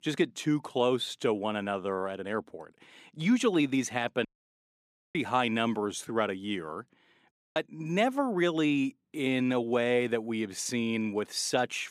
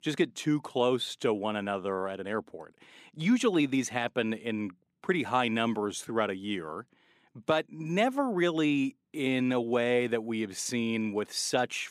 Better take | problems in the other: second | audio cutting out; at 4.5 s for 1 s and at 7.5 s

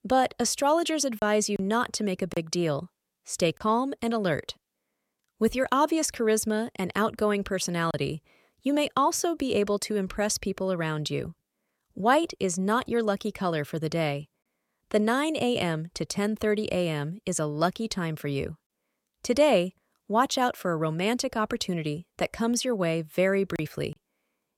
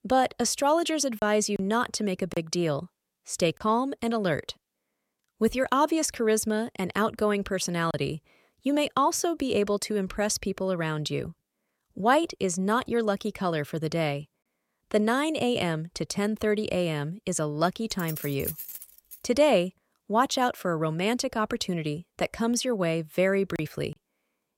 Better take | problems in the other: first | jangling keys; noticeable; from 18 to 19 s; peak 7 dB below the speech

